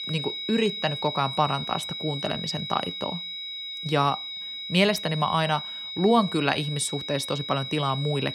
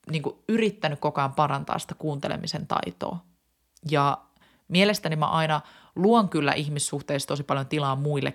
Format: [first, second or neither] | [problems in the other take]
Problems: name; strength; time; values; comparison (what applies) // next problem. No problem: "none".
second | high-pitched whine; loud; throughout; 4 kHz, 6 dB below the speech